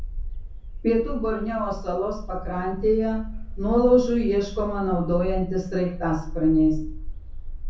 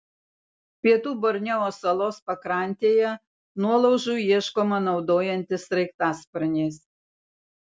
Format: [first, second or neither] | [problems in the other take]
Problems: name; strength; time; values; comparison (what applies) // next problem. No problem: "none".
second | background sound (Bark); 7 dB below the speech // room echo; dies away in 0.6 s